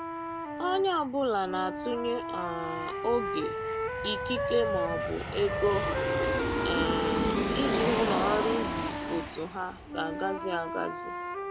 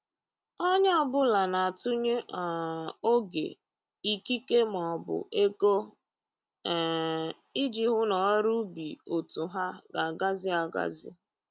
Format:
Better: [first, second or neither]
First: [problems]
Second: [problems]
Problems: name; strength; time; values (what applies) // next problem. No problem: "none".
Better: second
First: background sound (Aircraft + Wind instrument, woodwind instrument); as loud as the speech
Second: none